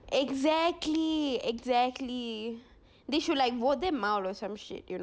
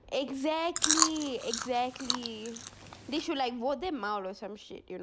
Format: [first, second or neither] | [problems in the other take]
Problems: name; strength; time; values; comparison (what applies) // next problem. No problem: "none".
first | background sound (Chewing, mastication); 1 dB above the speech